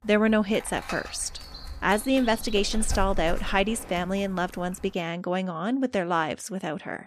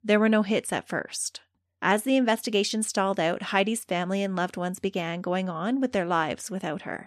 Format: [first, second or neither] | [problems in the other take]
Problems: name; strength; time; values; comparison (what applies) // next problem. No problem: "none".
second | dog barking; noticeable; from 0.5 to 4.5 s; peak 7 dB below the speech